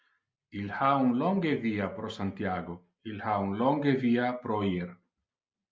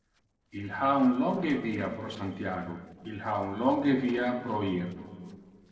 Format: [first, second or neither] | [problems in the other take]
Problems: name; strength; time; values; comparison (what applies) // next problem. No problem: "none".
first | noise reduction (neural separator model SepFormer DNS4)